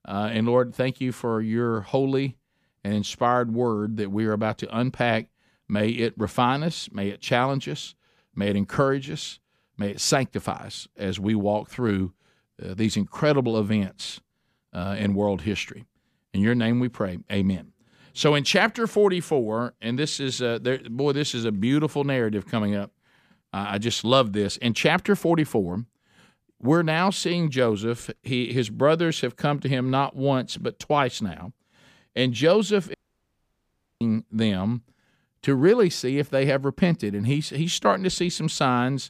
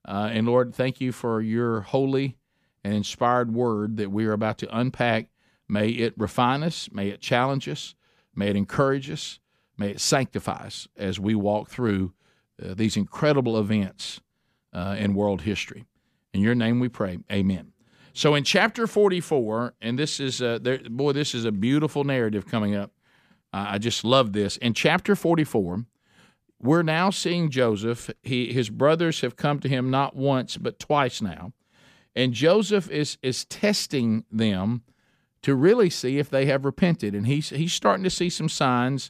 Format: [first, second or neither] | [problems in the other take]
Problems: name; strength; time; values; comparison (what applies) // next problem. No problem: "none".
second | audio cutting out; at 33 s for 1 s